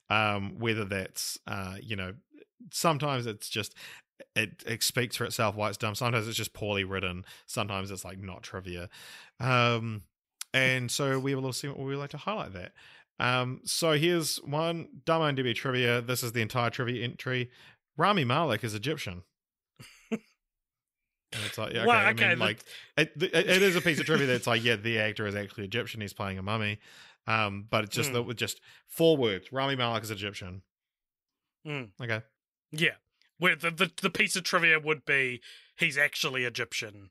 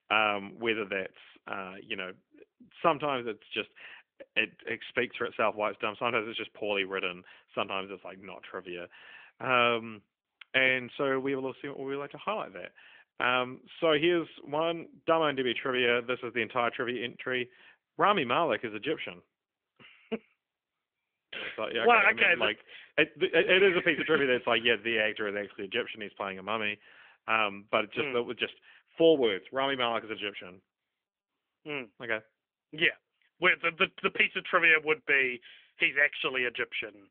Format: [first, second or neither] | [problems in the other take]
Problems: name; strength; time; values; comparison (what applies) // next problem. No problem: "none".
first | phone-call audio; nothing above 3.5 kHz